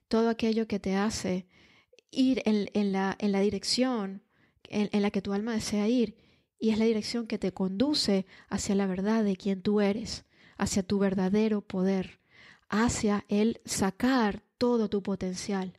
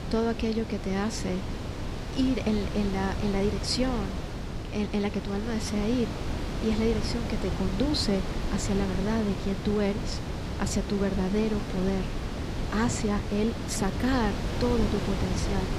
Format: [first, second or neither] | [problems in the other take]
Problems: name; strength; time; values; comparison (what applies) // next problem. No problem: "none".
first | wind noise on the microphone; heavy; 5 dB below the speech